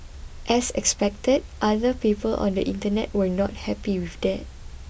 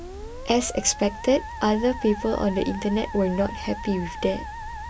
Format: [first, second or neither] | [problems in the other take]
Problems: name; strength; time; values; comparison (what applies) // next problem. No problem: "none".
first | background sound (Musical instrument); 12 dB below the speech